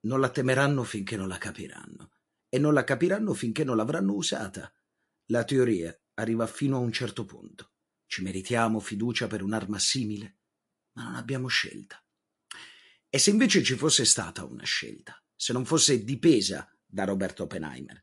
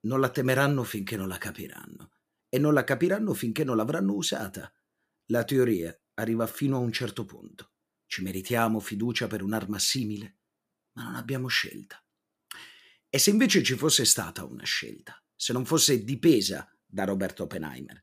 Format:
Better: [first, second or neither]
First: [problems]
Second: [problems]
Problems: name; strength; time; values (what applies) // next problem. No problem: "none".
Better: second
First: garbled, watery; slightly; nothing above 11 kHz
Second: none